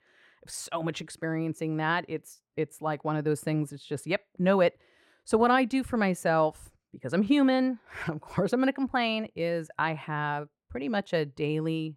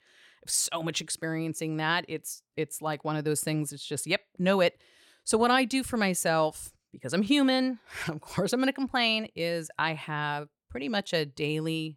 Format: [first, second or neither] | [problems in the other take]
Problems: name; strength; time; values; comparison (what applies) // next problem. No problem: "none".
second | muffled; slightly; fading above 2.5 kHz